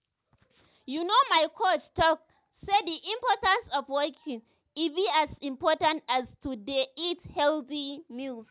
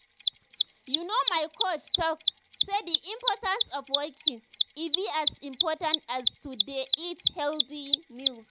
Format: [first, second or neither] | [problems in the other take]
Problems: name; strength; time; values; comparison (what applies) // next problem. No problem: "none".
first | background sound (Mechanisms); 2 dB above the speech